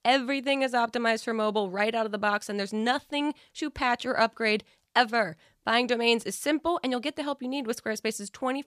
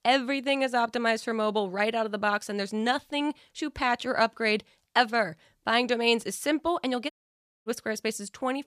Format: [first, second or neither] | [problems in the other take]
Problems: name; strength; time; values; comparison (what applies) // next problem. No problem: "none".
first | audio cutting out; at 7 s for 0.5 s